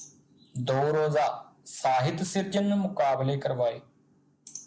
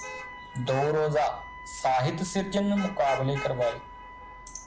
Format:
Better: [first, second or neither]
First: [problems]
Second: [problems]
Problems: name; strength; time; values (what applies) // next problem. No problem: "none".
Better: first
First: none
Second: background sound (Wind instrument, woodwind instrument + Traffic noise, roadway noise / Vehicle horn, car horn, honking); 12 dB below the speech